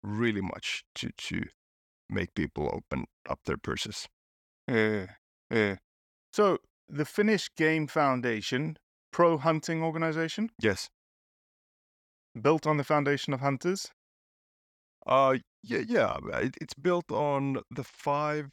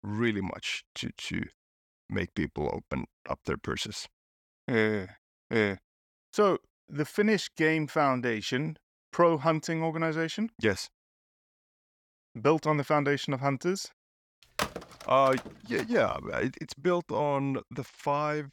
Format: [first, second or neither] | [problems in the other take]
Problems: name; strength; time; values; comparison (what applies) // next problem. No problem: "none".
first | phone ringing; noticeable; from 15 to 16 s; peak 4 dB below the speech